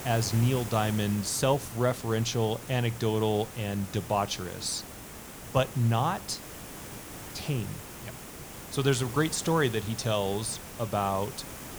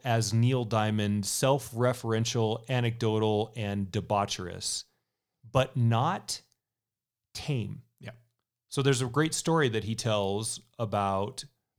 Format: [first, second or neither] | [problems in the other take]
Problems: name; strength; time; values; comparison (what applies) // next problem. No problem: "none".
second | hiss; noticeable; throughout; 10 dB below the speech